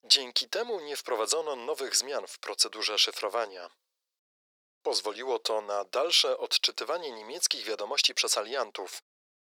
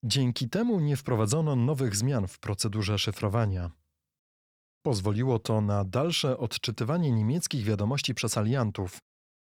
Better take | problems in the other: second | thin; very; fading below 450 Hz

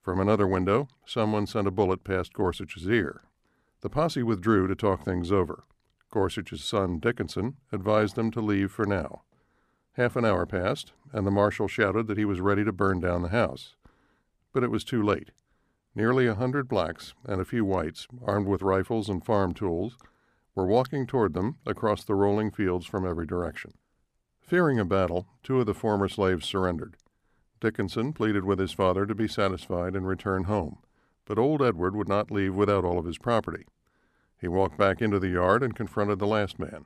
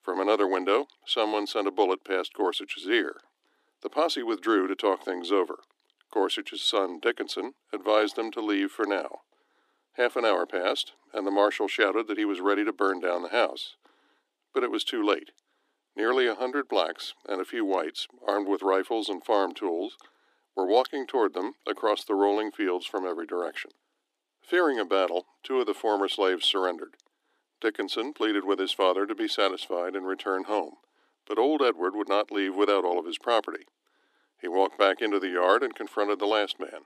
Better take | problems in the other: first | thin; somewhat; fading below 300 Hz

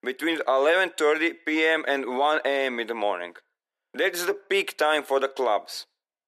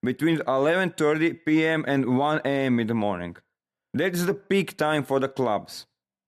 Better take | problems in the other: second | thin; very; fading below 400 Hz

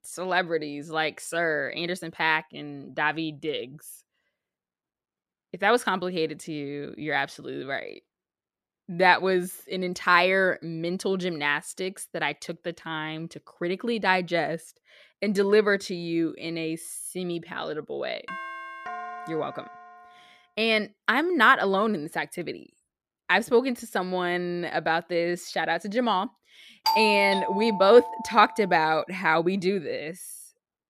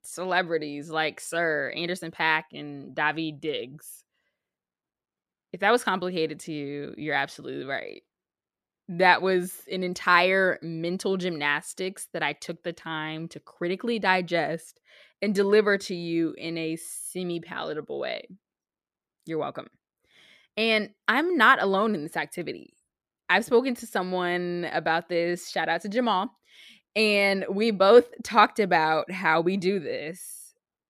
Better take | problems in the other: second | doorbell; faint; from 18 to 20 s; peak 10 dB below the speech // doorbell; loud; from 27 to 28 s; peak 1 dB above the speech

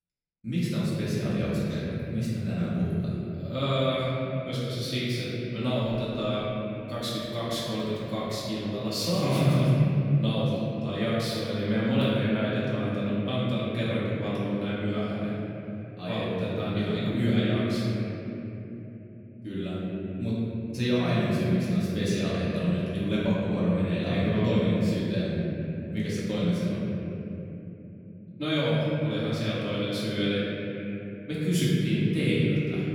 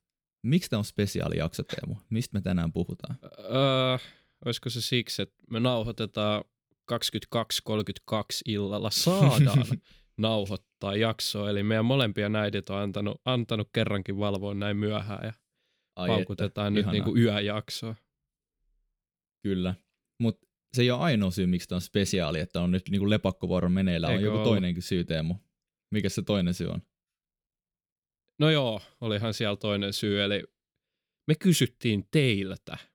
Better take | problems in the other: second | off-mic speech; far // room echo; strong; dies away in 3 s

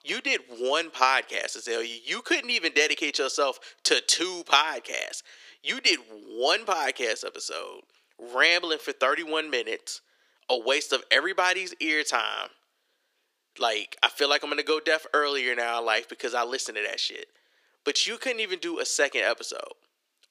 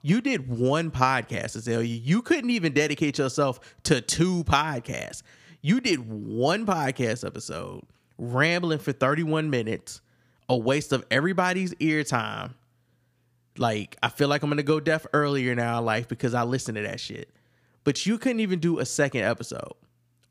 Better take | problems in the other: second | thin; very; fading below 350 Hz

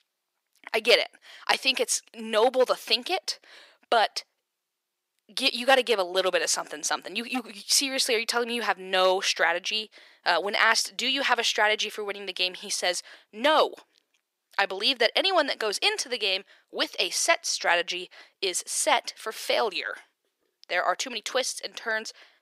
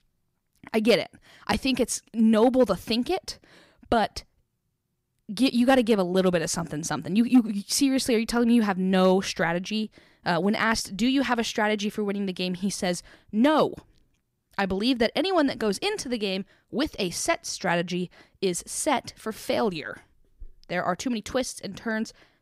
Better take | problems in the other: second | thin; very; fading below 450 Hz

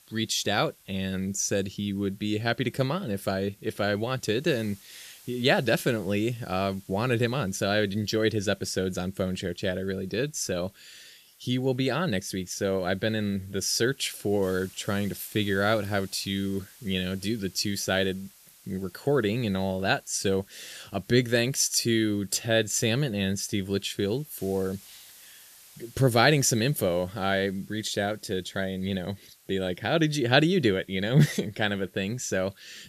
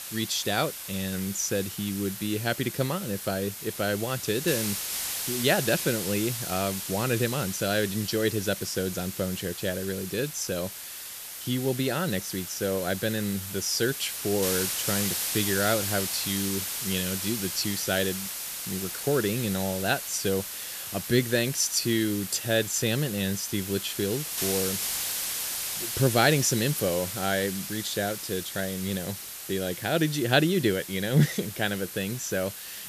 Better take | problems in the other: first | hiss; loud; throughout; 4 dB below the speech; faint in the first

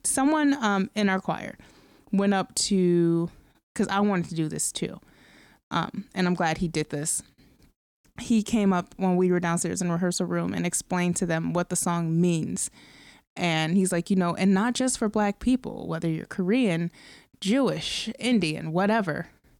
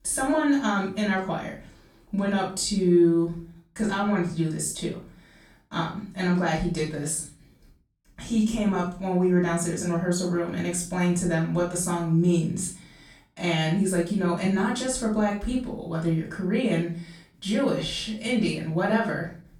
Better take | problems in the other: first | off-mic speech; far // room echo; slight; dies away in 0.4 s

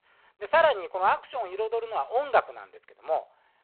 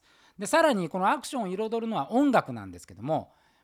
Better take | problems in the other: second | phone-call audio; poor line; nothing above 4 kHz

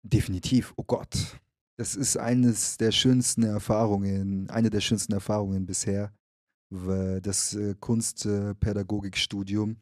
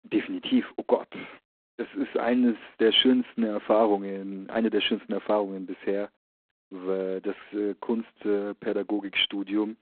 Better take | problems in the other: first | phone-call audio; poor line; nothing above 3 kHz

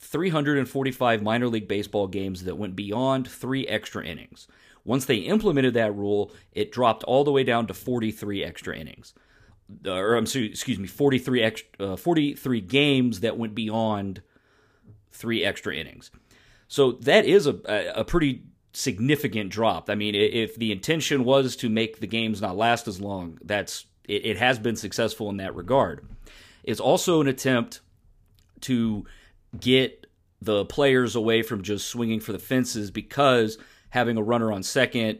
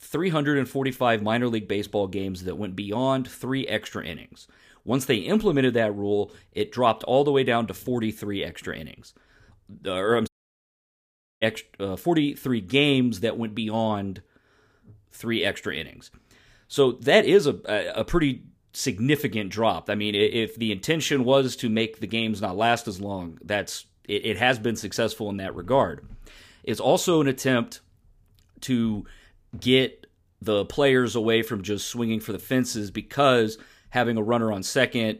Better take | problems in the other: first | audio cutting out; at 10 s for 1 s

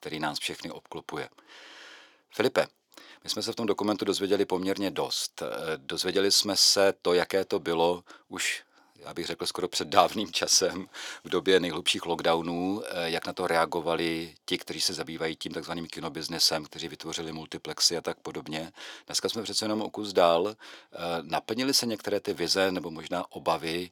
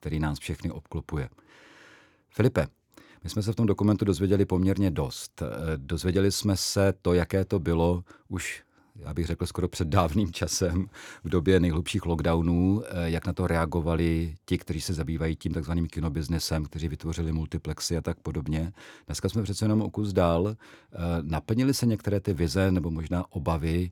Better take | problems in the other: second | thin; somewhat; fading below 400 Hz

